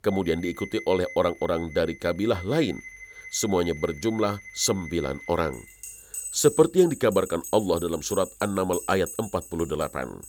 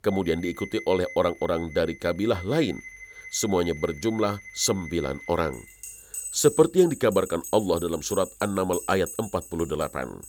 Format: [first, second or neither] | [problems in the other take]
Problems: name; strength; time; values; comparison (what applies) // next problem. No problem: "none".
neither | alarms or sirens; noticeable; throughout; 15 dB below the speech; the same in both